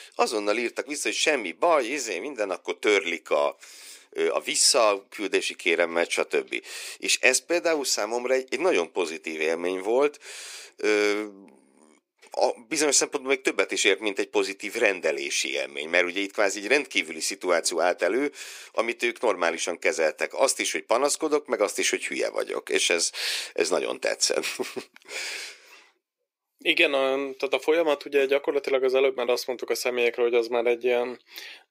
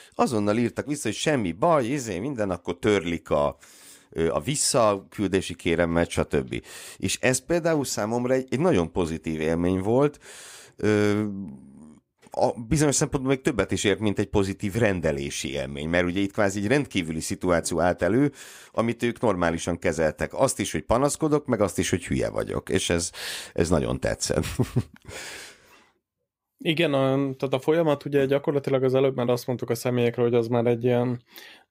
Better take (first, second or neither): second